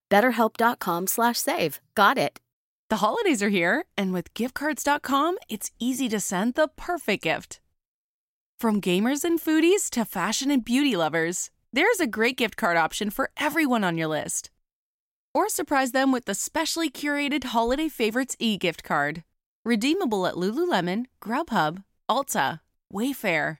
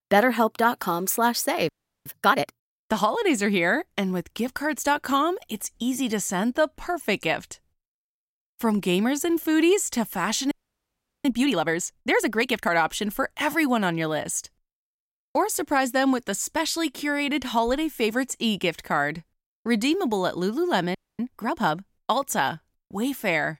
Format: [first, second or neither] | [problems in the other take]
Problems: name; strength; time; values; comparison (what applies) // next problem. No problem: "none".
first | audio freezing; at 1.5 s, at 11 s for 0.5 s and at 21 s